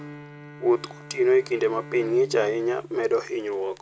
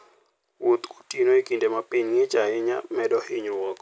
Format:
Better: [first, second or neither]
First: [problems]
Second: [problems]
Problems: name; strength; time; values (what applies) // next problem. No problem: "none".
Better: second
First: background sound (Bowed string instrument); 18 dB below the speech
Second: none